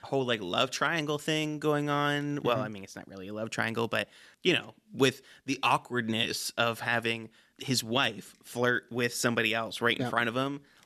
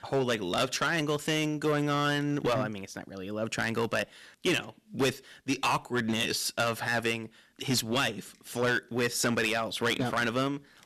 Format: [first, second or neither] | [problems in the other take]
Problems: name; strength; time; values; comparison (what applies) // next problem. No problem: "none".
first | distortion; heavy; 7% of the sound clipped